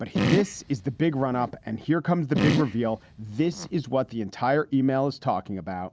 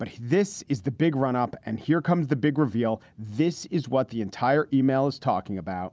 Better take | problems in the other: second | background sound (Fart); 4 dB below the speech

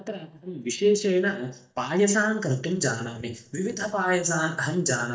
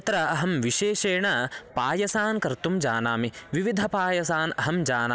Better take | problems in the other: second | noise reduction (neural mask model DeepFilterNet 3)

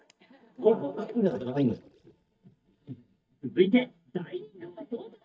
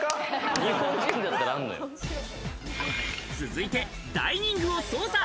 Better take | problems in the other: second | noise reduction (neural mask model DeepFilterNet 3)

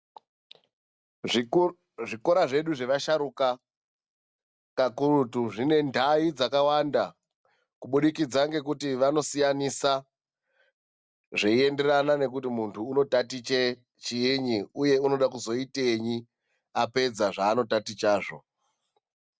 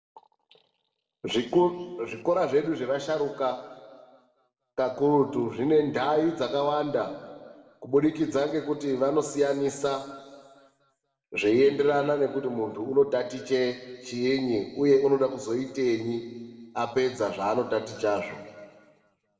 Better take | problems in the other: first | room echo; dies away in 1.6 s

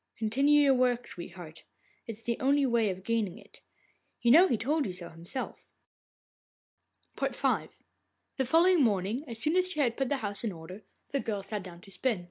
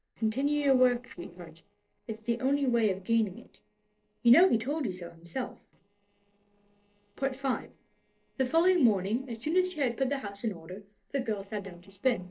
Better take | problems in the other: first | noise reduction (neural separator model SepFormer DNS4)

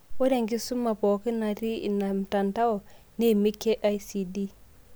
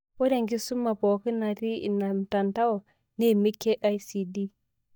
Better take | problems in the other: first | noise reduction (neural mask model DeepFilterNet 3)

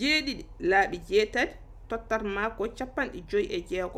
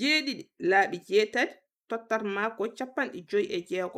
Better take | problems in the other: first | noise reduction (neural mask model Resemble Enhance denoiser)

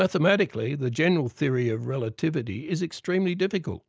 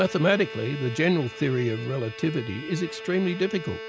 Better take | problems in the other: first | background sound (Bowed string instrument); 13 dB below the speech

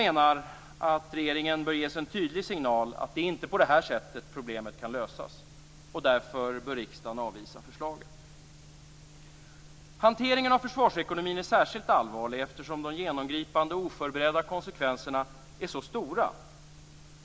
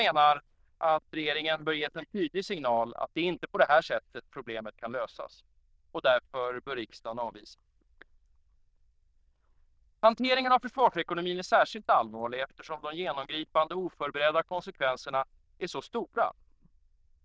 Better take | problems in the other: first | noise reduction (neural diffusion model UNIVERSE++)

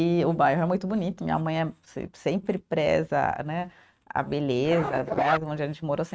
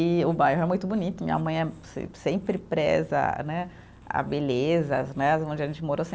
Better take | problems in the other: second | noise reduction (neural mask model RNNoise)

